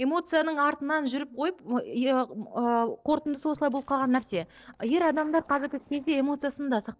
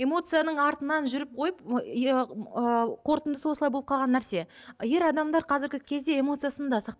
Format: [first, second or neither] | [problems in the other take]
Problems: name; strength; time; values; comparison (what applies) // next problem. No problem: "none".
second | noise reduction (neural separator model SepFormer DNS4)